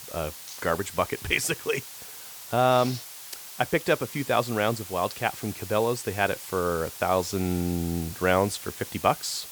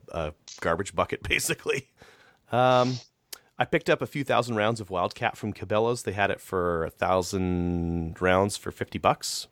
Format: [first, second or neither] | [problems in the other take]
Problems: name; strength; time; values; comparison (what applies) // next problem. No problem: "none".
second | hiss; noticeable; throughout; 10 dB below the speech